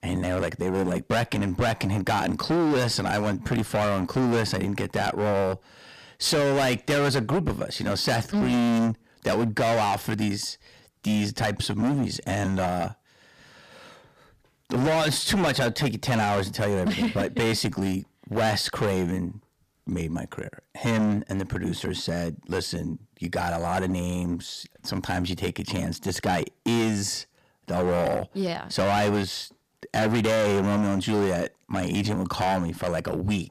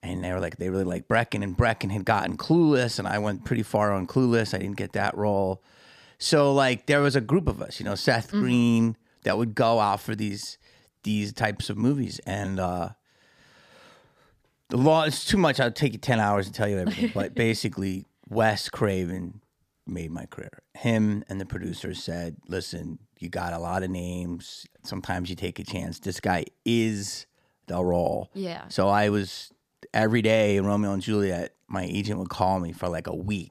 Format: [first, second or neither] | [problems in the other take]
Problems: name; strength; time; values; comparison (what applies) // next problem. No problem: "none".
second | distortion; heavy; 16% of the sound clipped